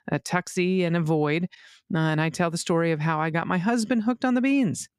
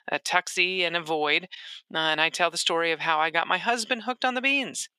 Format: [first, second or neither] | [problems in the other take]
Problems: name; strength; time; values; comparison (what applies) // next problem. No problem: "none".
first | thin; very; fading below 550 Hz